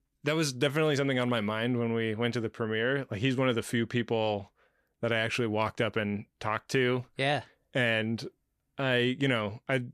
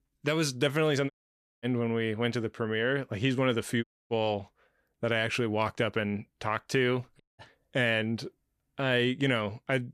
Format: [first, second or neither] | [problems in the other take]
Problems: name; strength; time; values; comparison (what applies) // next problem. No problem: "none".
first | audio cutting out; at 1 s for 0.5 s, at 4 s and at 7 s